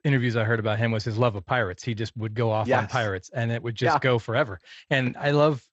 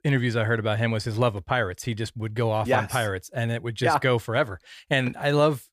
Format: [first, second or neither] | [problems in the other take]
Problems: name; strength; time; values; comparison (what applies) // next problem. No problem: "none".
second | garbled, watery; slightly; nothing above 7.5 kHz